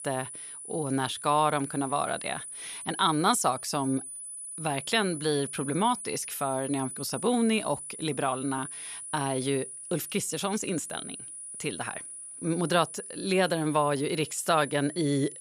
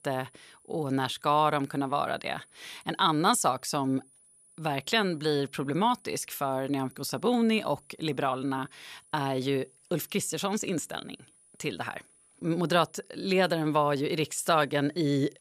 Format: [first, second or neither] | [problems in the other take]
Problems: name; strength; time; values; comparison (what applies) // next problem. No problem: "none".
second | high-pitched whine; loud; throughout; 10 kHz, 9 dB below the speech; faint in the second